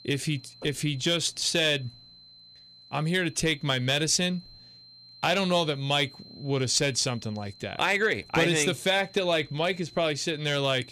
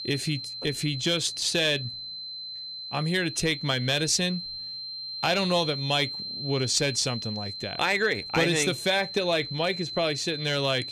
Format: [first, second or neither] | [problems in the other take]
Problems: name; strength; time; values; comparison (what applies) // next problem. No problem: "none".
first | high-pitched whine; loud; throughout; 4 kHz, 8 dB below the speech; faint in the first